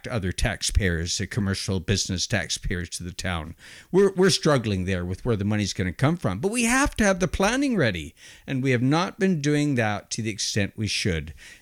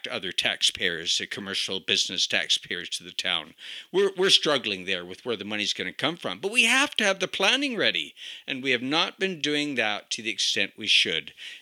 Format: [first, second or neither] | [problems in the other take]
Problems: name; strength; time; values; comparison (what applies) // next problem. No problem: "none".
first | thin; somewhat; fading below 350 Hz